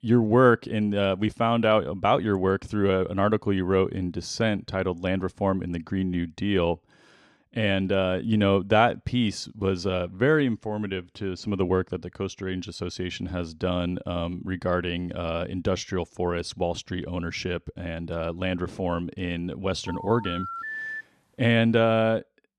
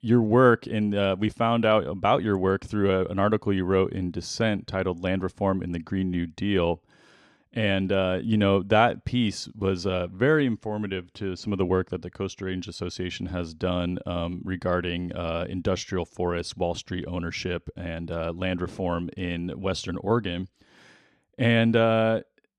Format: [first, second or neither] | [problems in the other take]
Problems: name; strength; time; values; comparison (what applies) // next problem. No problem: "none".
second | phone ringing; noticeable; from 20 to 21 s; peak 6 dB below the speech